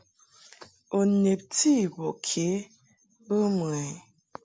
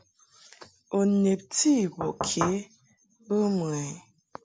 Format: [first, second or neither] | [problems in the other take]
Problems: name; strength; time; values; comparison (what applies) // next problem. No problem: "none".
first | background sound (Knock / Wood); 4 dB below the speech